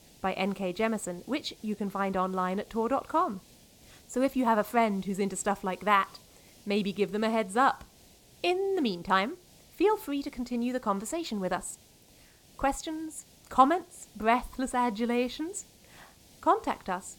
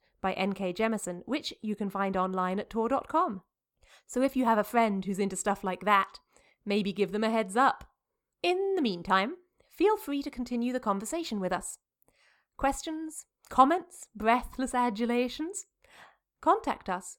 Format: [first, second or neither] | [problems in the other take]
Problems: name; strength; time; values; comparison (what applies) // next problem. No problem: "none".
second | hiss; faint; throughout; 25 dB below the speech